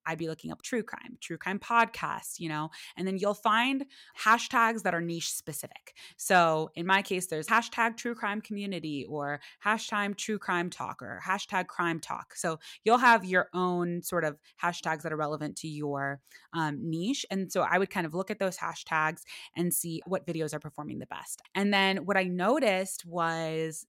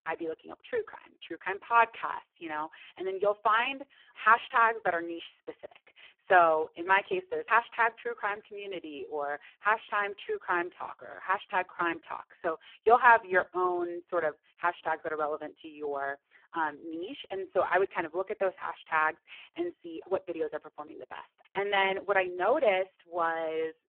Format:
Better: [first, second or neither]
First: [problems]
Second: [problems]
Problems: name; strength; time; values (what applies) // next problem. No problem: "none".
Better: first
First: none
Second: phone-call audio; poor line